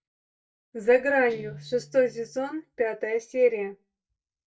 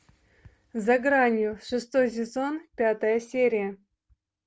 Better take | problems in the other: second | noise reduction (neural mask model DeepFilterNet 3)

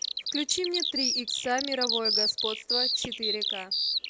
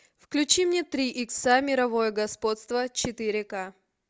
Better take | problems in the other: second | background sound (Bird vocalization, bird call, bird song); 4 dB above the speech

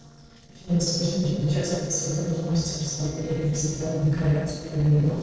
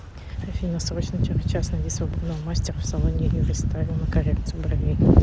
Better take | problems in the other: second | noise reduction (neural separator model SepFormer DNS4)

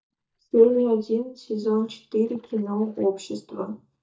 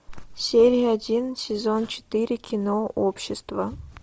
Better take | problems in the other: second | noise reduction (neural mask model DeepFilterNet 3)

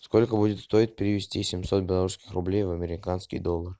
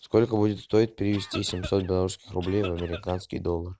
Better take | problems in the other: first | background sound (Cough); 15 dB below the speech

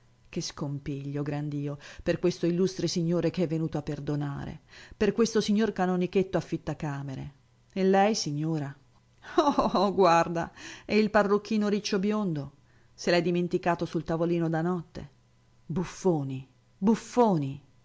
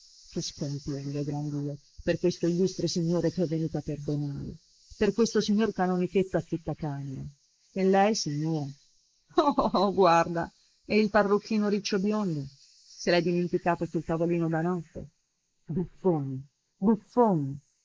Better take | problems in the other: first | noise reduction (neural mask model Resemble Enhance denoiser)

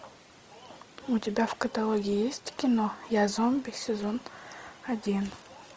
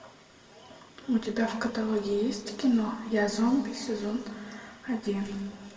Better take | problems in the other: first | room echo; dies away in 1.6 s

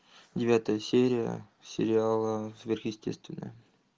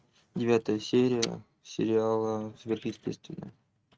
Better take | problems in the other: first | noise reduction (neural mask model RNNoise)

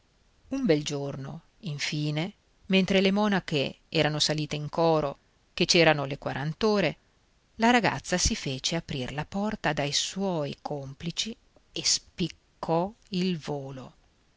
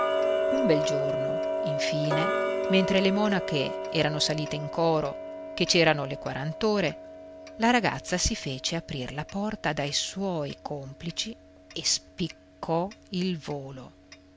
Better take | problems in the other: first | background sound (Tick-tock); 4 dB below the speech

